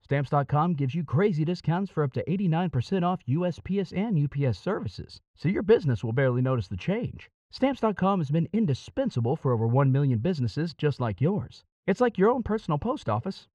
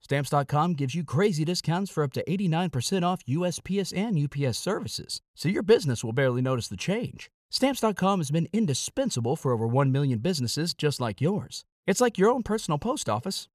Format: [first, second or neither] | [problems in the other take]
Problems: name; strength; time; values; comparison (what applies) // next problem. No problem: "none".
second | muffled; slightly; fading above 2.5 kHz